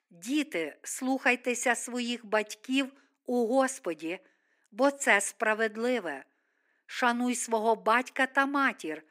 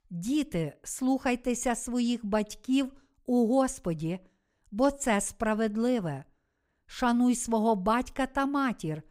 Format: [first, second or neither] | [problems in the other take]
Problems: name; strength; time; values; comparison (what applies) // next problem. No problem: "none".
second | thin; very slightly; fading below 300 Hz